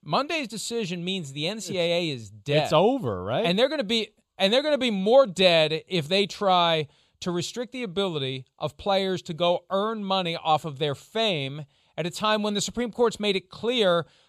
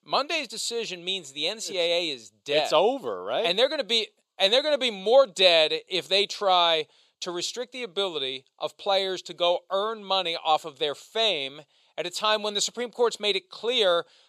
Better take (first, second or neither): first